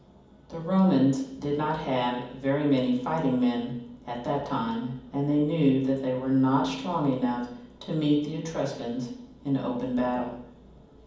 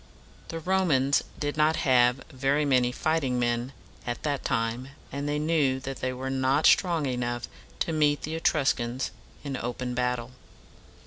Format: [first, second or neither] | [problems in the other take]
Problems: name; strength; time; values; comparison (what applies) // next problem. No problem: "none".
second | room echo; dies away in 1.2 s